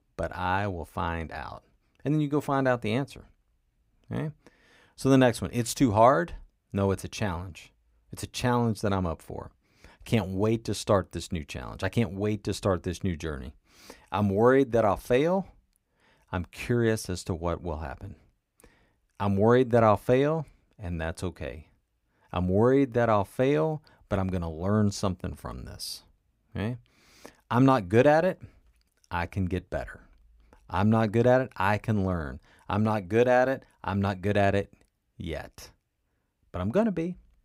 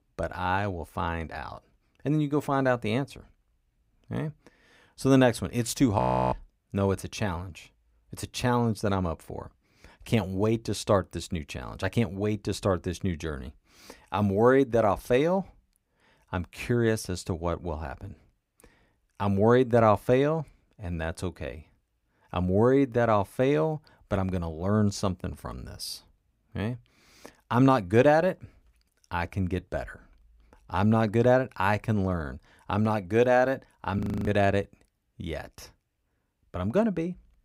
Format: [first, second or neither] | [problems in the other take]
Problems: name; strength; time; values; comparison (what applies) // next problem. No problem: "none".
first | audio freezing; at 6 s and at 34 s